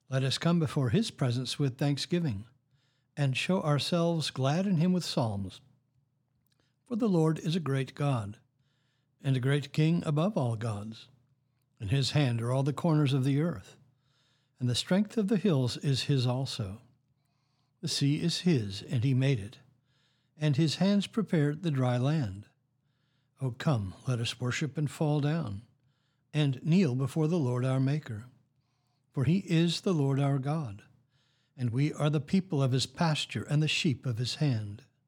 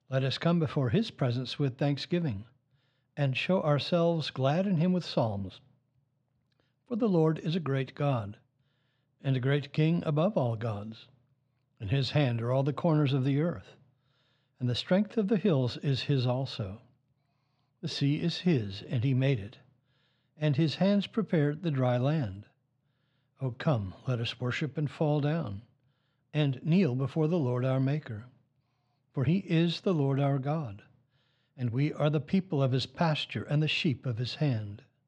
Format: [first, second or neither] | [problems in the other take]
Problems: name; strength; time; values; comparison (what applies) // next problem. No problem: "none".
first | muffled; slightly; fading above 3.5 kHz